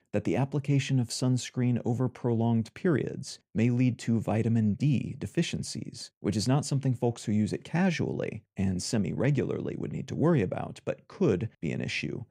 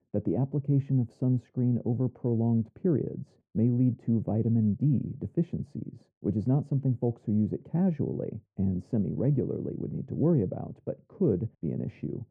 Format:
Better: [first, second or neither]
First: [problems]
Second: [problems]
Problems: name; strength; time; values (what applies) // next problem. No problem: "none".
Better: first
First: none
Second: muffled; very; fading above 1.5 kHz